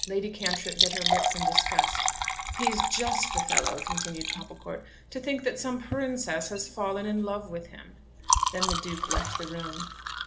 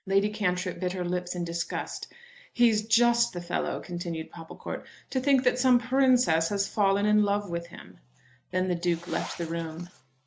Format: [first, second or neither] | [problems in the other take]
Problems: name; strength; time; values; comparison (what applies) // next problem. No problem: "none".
second | background sound (Liquid); 3 dB above the speech // room echo; dies away in 1.1 s